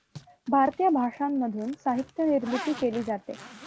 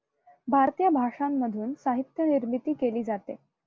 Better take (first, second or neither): second